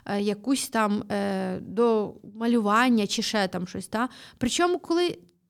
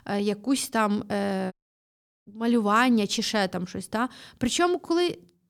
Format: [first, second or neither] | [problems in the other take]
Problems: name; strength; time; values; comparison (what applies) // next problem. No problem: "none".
first | audio cutting out; at 1.5 s for 0.5 s